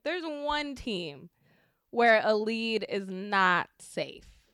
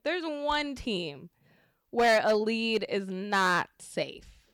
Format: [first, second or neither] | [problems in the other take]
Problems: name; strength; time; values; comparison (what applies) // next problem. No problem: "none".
first | distortion; slight; 3% of the sound clipped